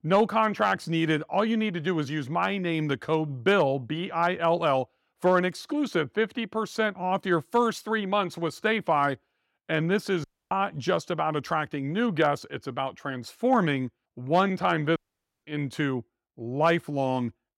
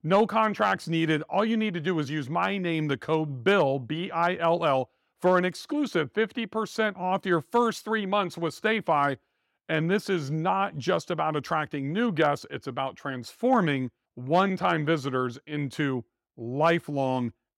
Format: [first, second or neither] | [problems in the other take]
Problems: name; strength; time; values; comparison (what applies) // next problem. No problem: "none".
second | audio cutting out; at 10 s and at 15 s